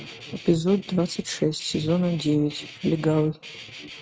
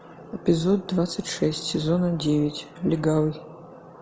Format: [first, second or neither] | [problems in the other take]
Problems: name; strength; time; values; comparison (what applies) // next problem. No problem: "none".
second | noise reduction (neural mask model RNNoise)